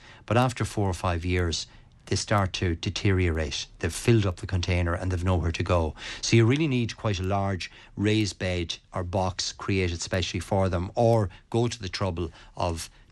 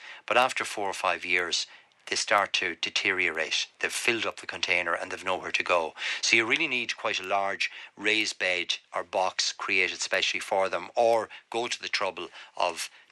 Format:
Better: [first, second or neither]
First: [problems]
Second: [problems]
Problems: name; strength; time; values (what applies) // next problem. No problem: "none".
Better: first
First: none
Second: thin; very; fading below 600 Hz